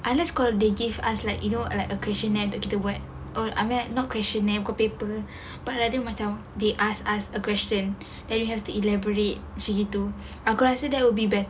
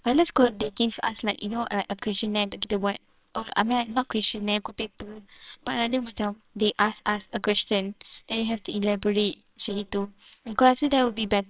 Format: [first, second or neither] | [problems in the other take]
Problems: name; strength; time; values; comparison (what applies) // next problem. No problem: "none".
first | noise reduction (neural separator model SepFormer WHAMR!)